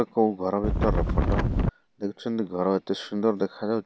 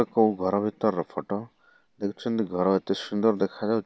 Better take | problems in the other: second | background sound (Wind); 4 dB above the speech

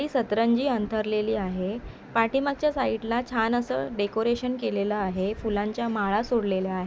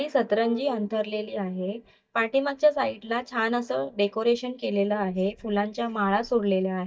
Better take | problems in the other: first | noise reduction (neural mask model DeepFilterNet 3)

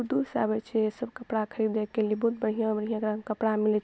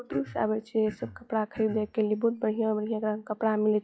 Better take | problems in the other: first | noise reduction (classical method log-MMSE)

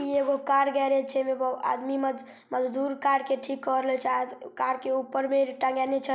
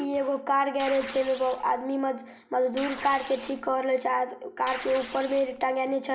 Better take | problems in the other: first | background sound (Tearing); 14 dB below the speech // room echo; dies away in 0.3 s

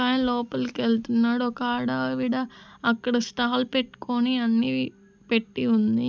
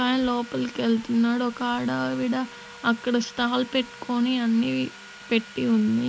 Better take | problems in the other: first | background sound (Sawing); 19 dB below the speech

